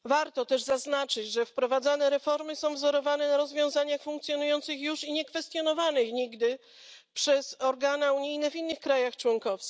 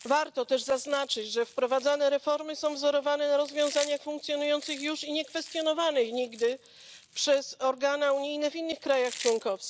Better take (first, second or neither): first